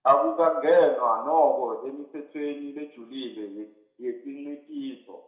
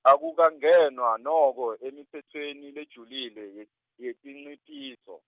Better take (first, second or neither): second